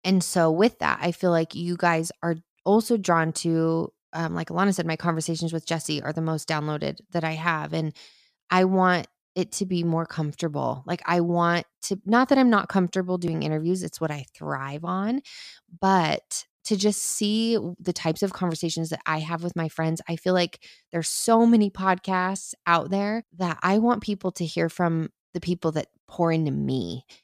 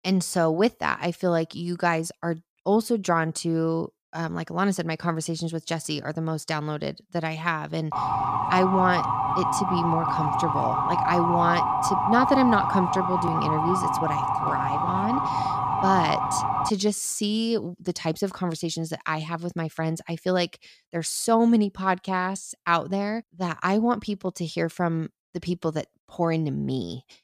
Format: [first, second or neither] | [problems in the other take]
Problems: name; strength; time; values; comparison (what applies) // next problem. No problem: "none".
first | siren; loud; from 8 to 17 s; peak 3 dB above the speech